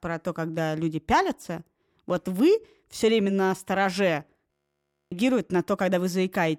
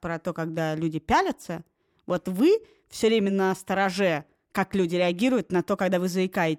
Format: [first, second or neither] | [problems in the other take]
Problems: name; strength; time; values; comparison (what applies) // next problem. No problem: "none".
second | audio freezing; at 4.5 s for 0.5 s